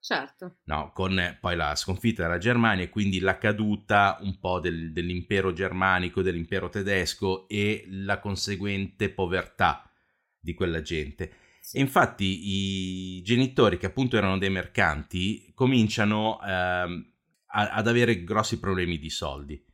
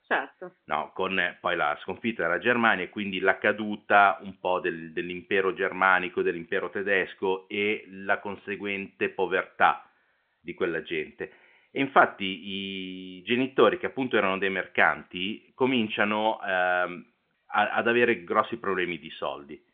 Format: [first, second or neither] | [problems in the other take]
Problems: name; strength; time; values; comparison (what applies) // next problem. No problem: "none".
first | phone-call audio; nothing above 3.5 kHz